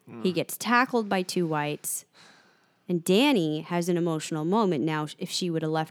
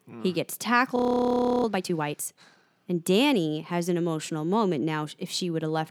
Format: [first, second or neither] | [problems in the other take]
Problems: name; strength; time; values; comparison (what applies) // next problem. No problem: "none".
first | audio freezing; at 1 s for 0.5 s